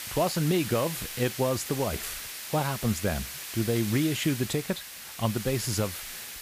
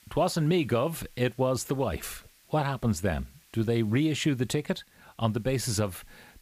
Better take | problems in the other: second | hiss; loud; throughout; 7 dB below the speech; faint in the second

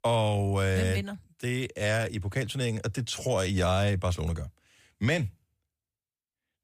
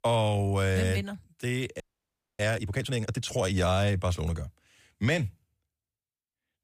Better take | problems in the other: first | audio freezing; at 2 s for 0.5 s

